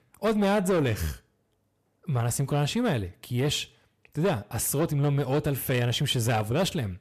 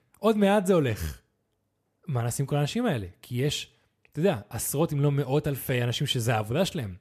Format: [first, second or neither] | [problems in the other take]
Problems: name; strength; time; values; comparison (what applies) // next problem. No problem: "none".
second | distortion; slight; 10 dB below the speech